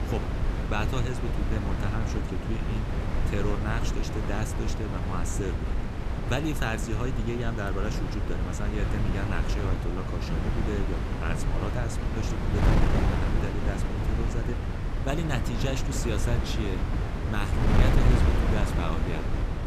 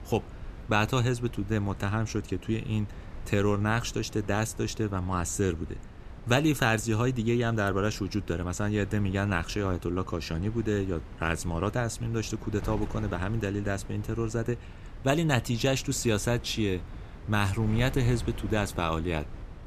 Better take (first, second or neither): second